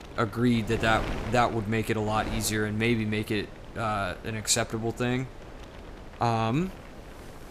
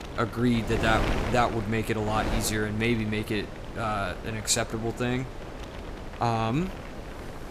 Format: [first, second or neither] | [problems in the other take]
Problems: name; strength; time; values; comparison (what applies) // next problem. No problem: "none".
first | wind noise on the microphone; heavy; 9 dB below the speech; occasional gusts in the first